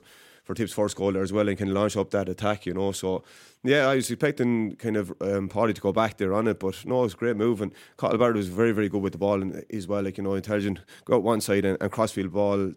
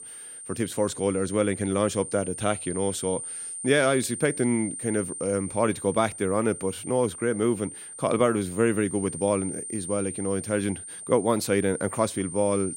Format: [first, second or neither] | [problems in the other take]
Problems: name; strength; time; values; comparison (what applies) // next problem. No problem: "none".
first | high-pitched whine; loud; throughout; 9 kHz, 9 dB below the speech